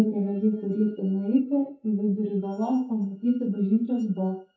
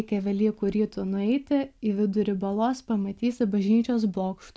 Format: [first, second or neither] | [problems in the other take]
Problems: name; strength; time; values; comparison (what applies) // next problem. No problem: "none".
second | noise reduction (neural mask model DeepFilterNet 3)